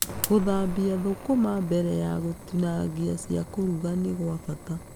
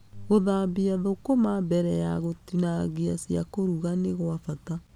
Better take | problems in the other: second | background sound (Fire); 11 dB below the speech

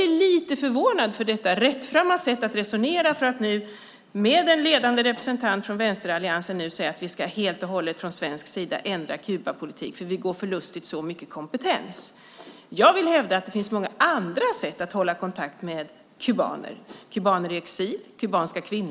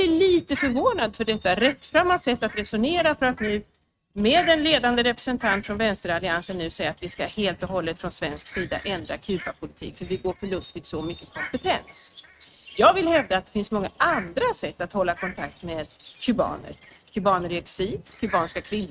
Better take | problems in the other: first | noise reduction (neural mask model RNNoise)

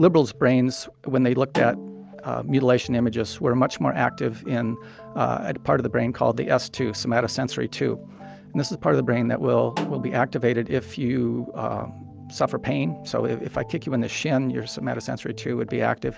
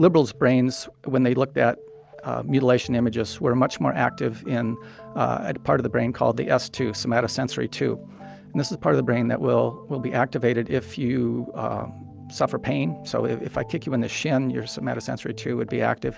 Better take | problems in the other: second | background sound (Snare drum); 13 dB below the speech

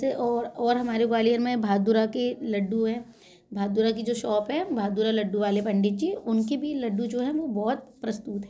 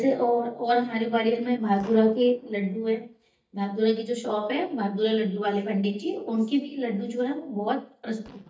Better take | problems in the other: first | noise reduction (neural mask model DeepFilterNet 3)

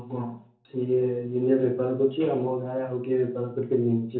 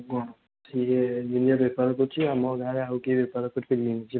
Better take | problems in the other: second | room echo; dies away in 0.8 s

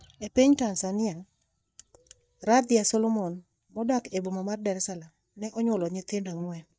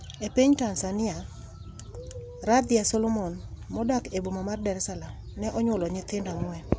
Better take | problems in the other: second | noise reduction (neural mask model DeepFilterNet 3)

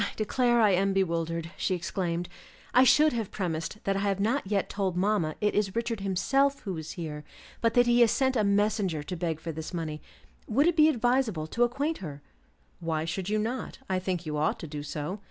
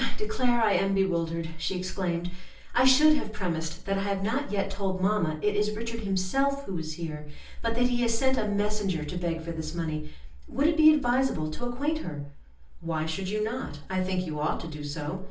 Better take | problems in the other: first | room echo; dies away in 0.3 s

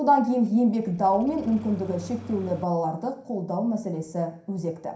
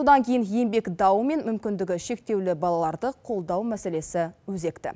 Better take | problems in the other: second | background sound (Engine starting); 18 dB below the speech // room echo; dies away in 0.5 s

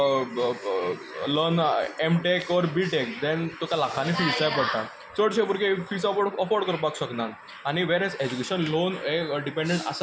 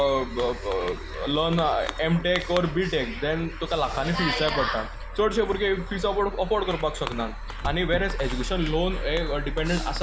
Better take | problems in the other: first | background sound (Fireworks); 7 dB below the speech

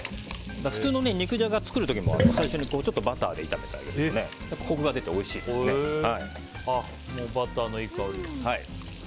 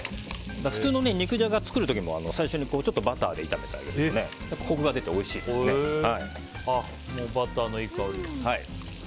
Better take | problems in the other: second | background sound (Sink (filling or washing)); 1 dB below the speech

